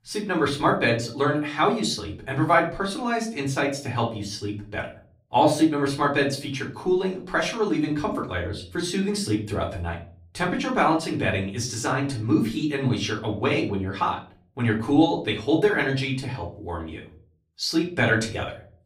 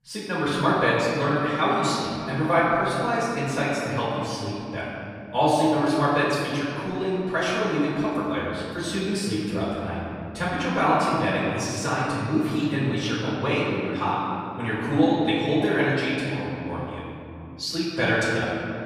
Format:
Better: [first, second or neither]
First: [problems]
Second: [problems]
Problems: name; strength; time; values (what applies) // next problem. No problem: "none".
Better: first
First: room echo; slight; dies away in 0.4 s // off-mic speech; far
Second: room echo; strong; dies away in 2.7 s // off-mic speech; far